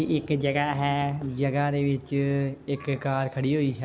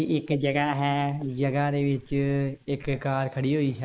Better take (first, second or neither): first